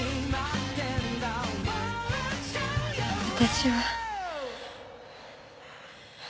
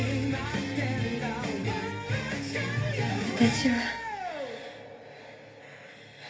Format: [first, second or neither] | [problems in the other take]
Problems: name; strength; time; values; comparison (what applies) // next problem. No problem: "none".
first | room echo; dies away in 0.3 s